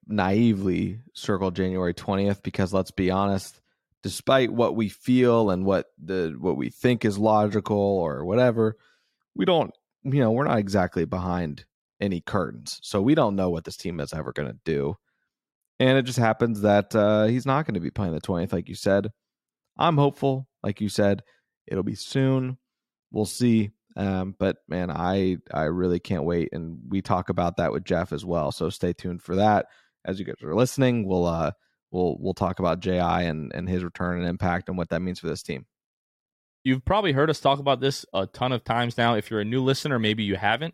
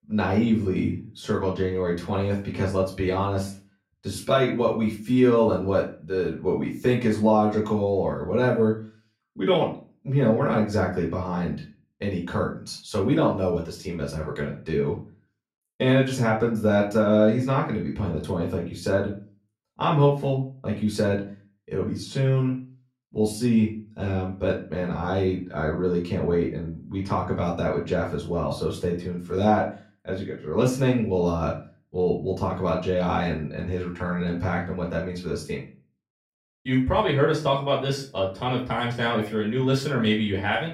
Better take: first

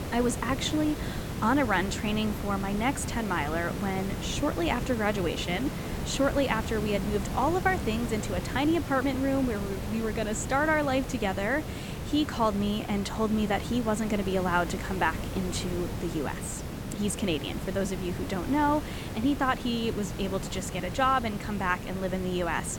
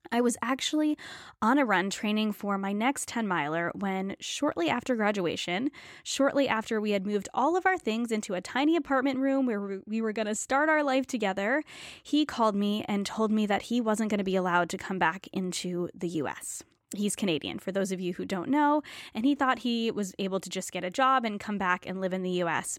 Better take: second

